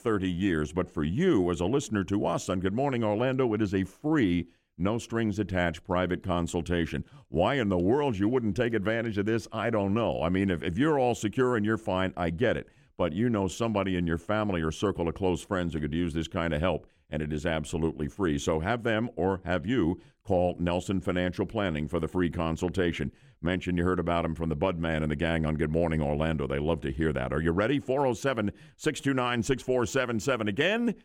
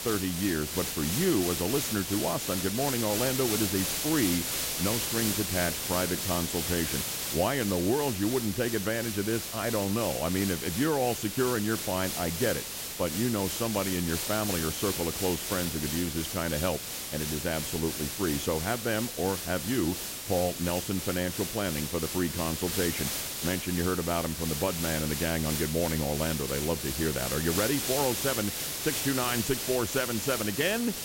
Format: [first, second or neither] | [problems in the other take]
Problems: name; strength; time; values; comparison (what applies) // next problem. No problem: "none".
first | hiss; loud; throughout; 1 dB below the speech